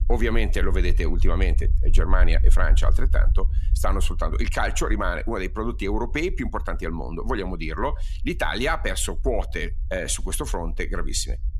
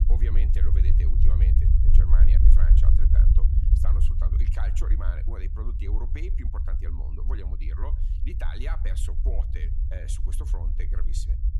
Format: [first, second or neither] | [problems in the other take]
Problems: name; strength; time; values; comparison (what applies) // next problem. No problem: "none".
first | low rumble; loud; throughout; as loud as the speech; faint in the first